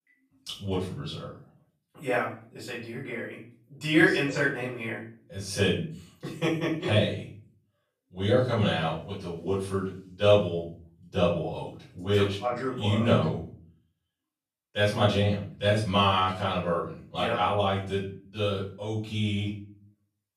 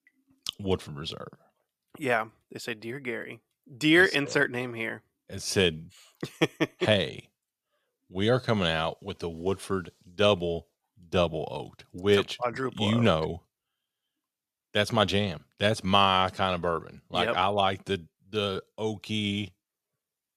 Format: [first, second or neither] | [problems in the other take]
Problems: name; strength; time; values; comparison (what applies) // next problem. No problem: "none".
second | room echo; noticeable; dies away in 0.4 s // off-mic speech; far